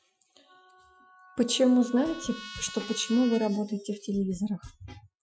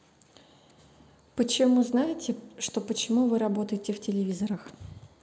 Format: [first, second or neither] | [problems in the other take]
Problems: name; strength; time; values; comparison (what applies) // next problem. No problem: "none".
second | noise reduction (classical method Wiener filter)